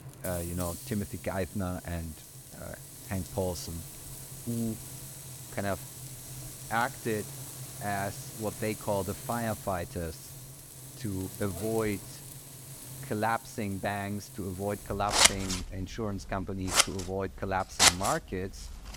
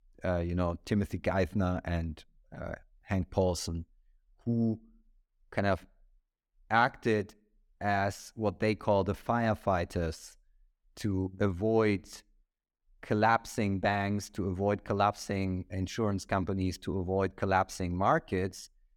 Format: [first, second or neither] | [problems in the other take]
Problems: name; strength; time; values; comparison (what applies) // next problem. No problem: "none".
second | household noises; very loud; throughout; 2 dB above the speech